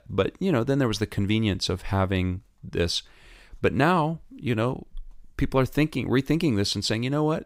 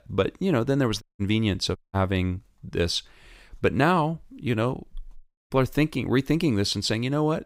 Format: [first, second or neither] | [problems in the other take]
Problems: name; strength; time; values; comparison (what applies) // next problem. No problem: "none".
first | audio cutting out; at 1 s, at 2 s and at 5 s